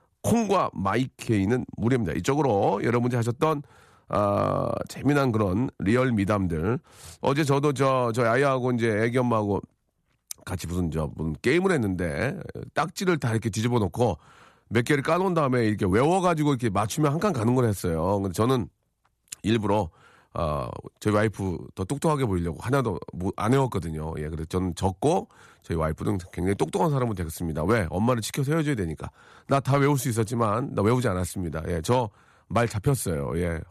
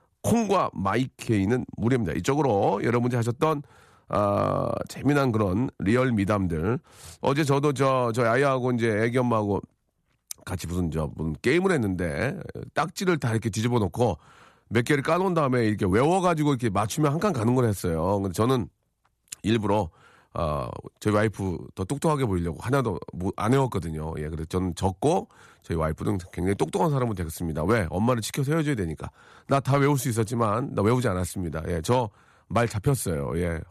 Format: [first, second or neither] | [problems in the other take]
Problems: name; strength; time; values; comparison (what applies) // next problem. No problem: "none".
neither | none